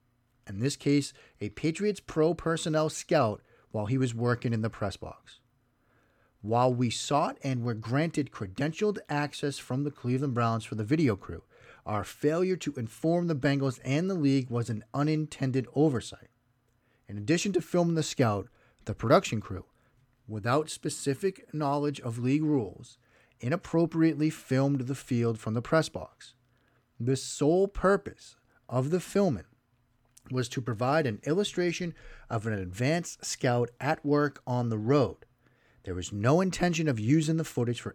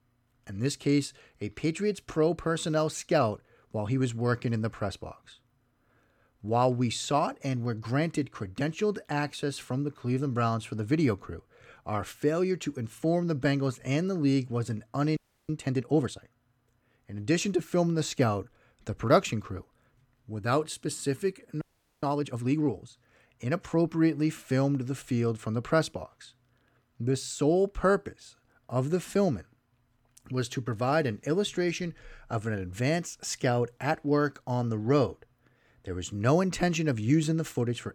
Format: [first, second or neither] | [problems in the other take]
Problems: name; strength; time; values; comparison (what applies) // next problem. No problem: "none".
first | audio freezing; at 15 s and at 22 s